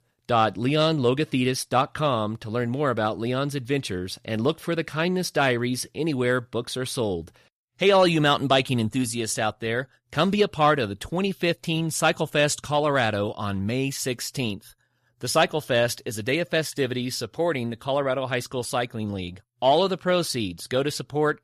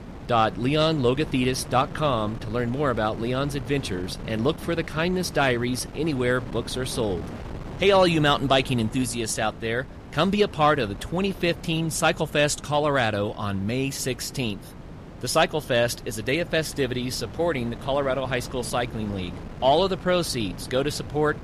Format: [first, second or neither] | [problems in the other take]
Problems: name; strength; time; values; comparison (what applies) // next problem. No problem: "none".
first | wind noise on the microphone; occasional gusts; 20 dB below the speech